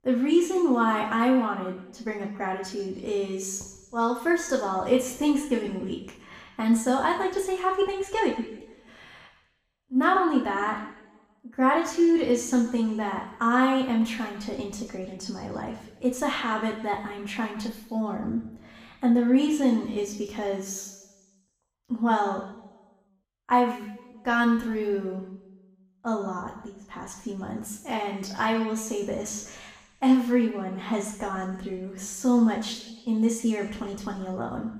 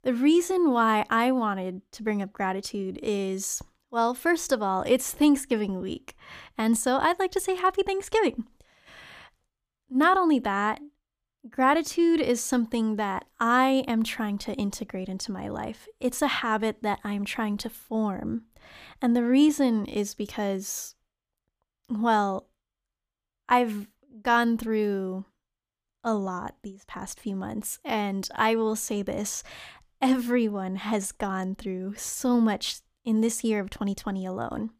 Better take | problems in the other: second | room echo; noticeable; dies away in 1 s // off-mic speech; far

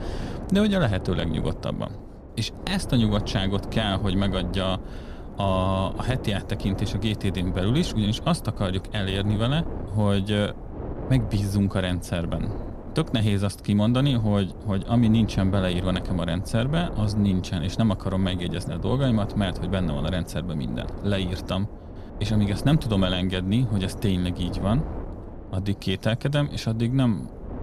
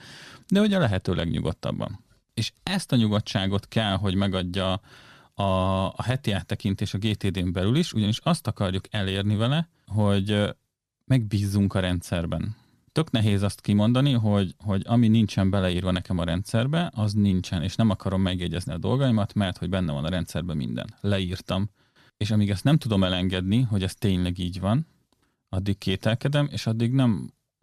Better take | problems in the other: second | wind noise on the microphone; occasional gusts; 10 dB below the speech

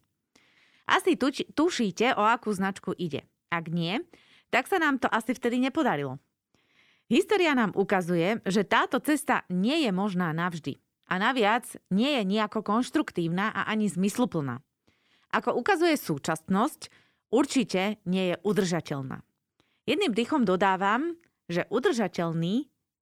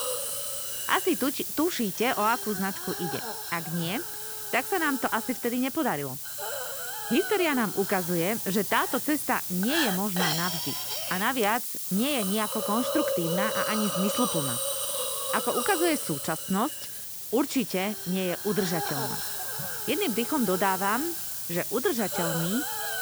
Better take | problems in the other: first | hiss; loud; throughout; 1 dB below the speech

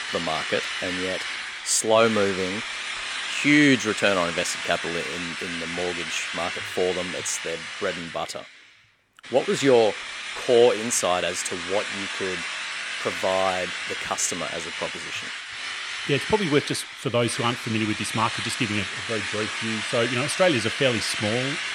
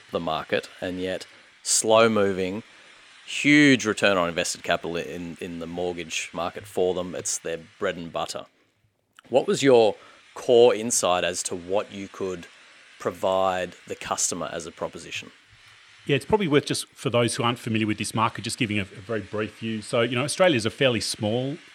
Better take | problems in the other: second | machinery noise; loud; throughout; 4 dB below the speech; faint in the second

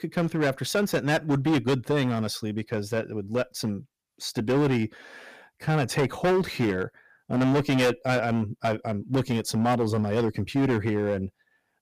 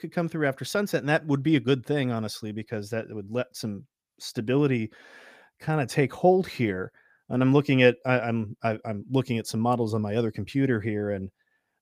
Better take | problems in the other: second | distortion; heavy; 11% of the sound clipped

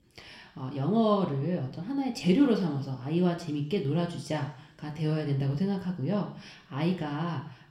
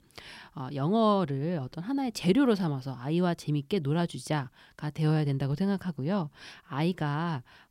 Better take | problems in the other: second | room echo; slight; dies away in 0.7 s // off-mic speech; somewhat distant

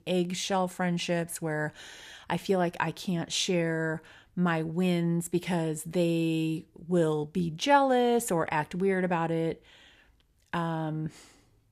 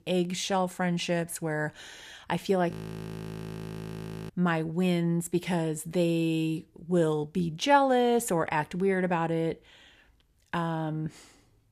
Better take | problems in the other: first | audio freezing; at 2.5 s for 1.5 s

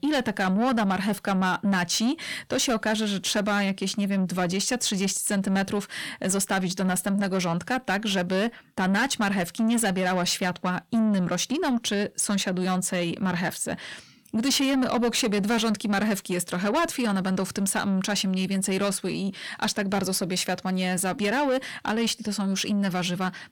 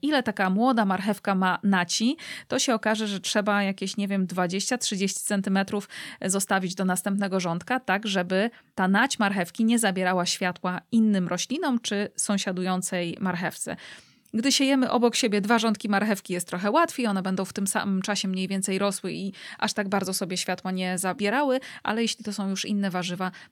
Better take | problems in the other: second | distortion; slight; 10 dB below the speech

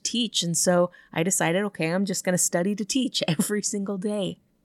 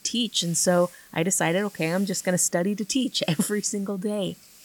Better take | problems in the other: first | hiss; faint; throughout; 20 dB below the speech

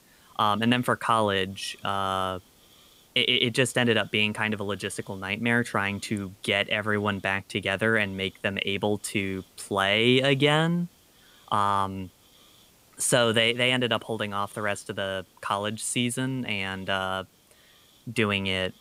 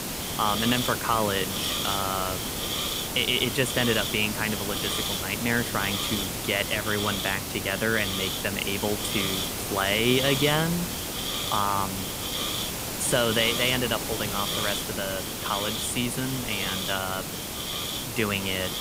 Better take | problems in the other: first | hiss; loud; throughout; 1 dB below the speech; faint in the first

